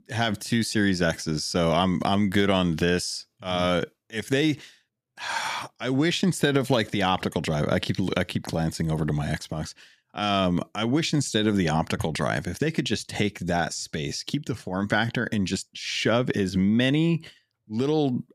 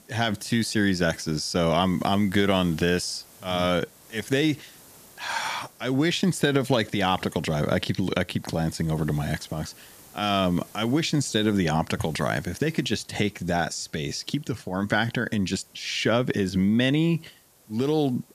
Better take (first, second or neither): first